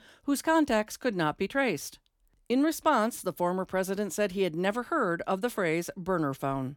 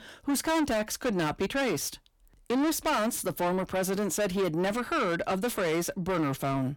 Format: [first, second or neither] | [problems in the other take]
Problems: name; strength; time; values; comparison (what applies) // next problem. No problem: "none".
first | distortion; heavy; 6 dB below the speech